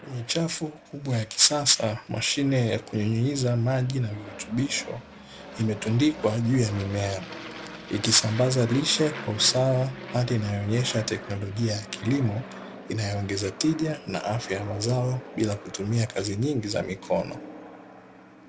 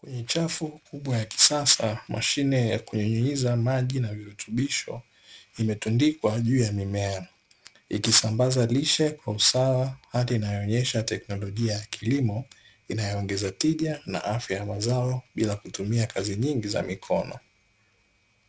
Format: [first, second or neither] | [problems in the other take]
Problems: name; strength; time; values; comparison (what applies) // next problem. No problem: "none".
second | background sound (Aircraft); 15 dB below the speech